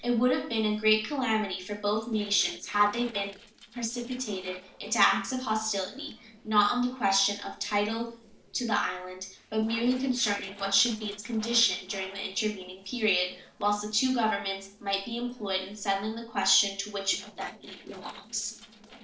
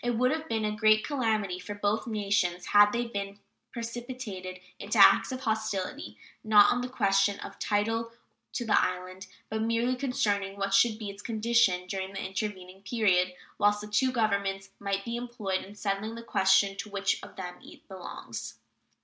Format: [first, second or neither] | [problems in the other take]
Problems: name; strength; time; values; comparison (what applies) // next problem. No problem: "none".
second | noise reduction (neural separator model SepFormer DNS4)